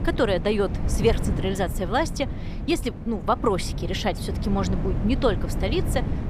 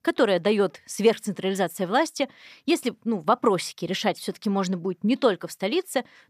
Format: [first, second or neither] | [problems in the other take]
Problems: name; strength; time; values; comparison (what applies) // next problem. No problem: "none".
second | wind noise on the microphone; occasional gusts; 10 dB below the speech